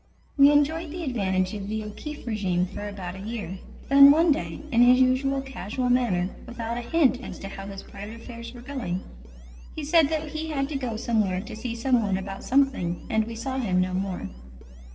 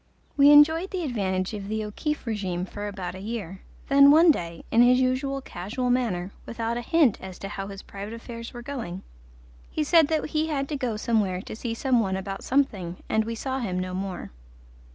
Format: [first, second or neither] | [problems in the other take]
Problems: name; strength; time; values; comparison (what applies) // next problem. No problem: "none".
second | noise reduction (neural separator model SepFormer DNS4)